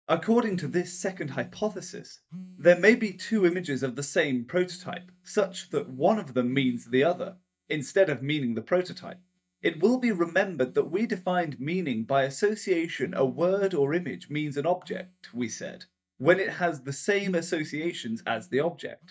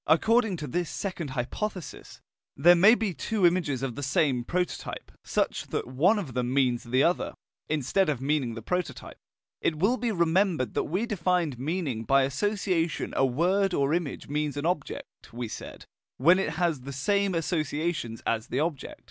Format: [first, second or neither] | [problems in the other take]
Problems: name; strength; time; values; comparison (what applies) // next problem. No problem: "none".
second | noise reduction (neural mask model DeepFilterNet 3)